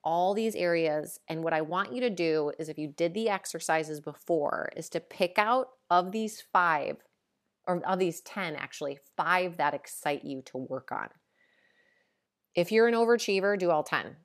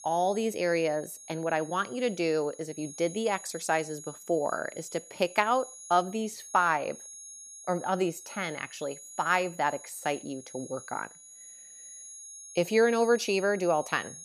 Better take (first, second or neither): first